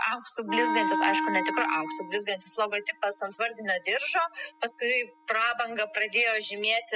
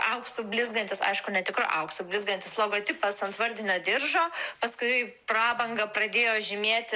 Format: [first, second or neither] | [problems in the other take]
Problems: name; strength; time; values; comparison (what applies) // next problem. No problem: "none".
second | noise reduction (classical method spectral subtraction)